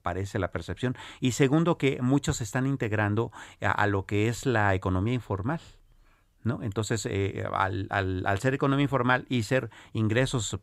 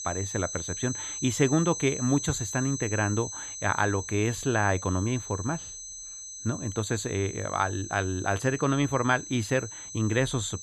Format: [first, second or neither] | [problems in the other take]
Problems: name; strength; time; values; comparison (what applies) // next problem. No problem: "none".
first | high-pitched whine; loud; throughout; 6 kHz, 8 dB below the speech